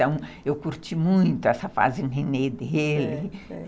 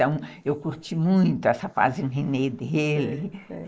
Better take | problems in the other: first | noise reduction (neural mask model Resemble Enhance denoiser)

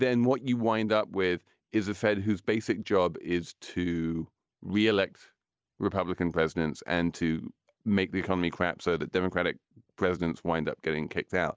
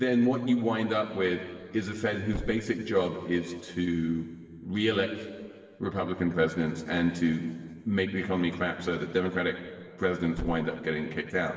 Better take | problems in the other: first | background sound (Thump, thud); 19 dB below the speech // room echo; dies away in 1.9 s

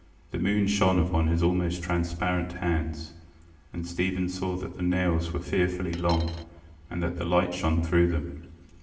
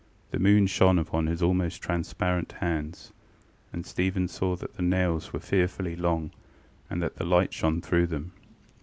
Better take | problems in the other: second | background sound (Coin (dropping)); 14 dB below the speech // room echo; dies away in 0.8 s

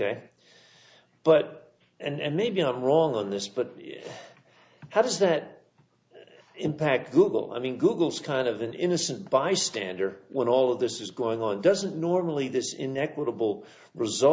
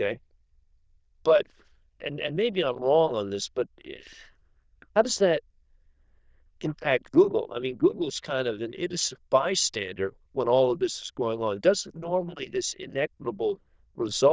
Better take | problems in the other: first | noise reduction (neural diffusion model UNIVERSE++)

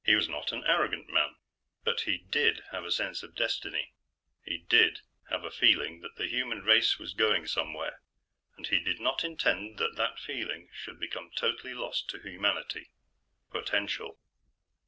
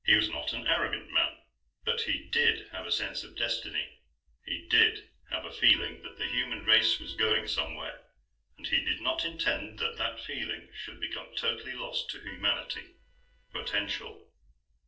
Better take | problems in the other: first | noise reduction (neural separator model SepFormer DNS4)

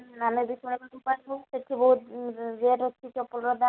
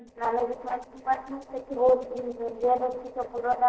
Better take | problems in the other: first | noise reduction (neural separator model SepFormer DNS4)

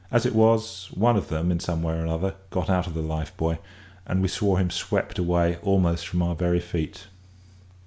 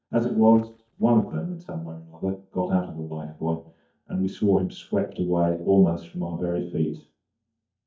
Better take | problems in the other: first | noise reduction (neural mask model DeepFilterNet 3)

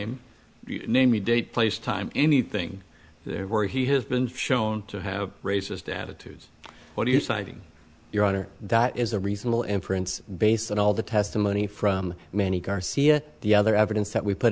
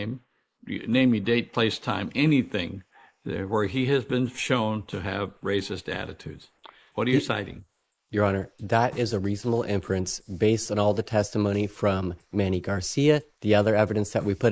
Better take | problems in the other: first | noise reduction (neural mask model Resemble Enhance denoiser)

